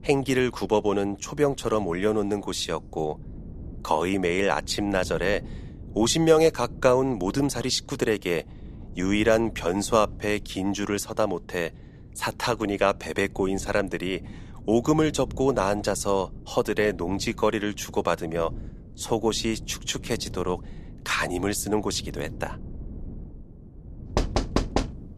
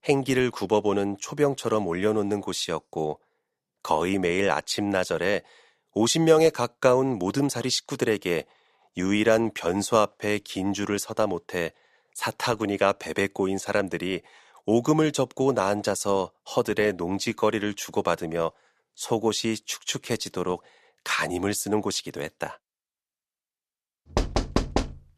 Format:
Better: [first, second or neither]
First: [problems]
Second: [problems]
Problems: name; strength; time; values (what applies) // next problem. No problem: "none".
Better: second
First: wind noise on the microphone; occasional gusts; 25 dB below the speech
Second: none